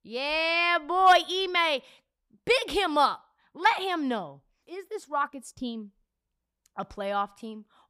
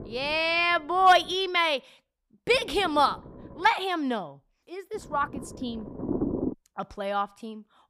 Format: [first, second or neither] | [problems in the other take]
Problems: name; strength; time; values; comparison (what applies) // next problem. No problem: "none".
first | low rumble; noticeable; until 1.5 s, from 2.5 to 3.5 s and from 5 to 6.5 s; 15 dB below the speech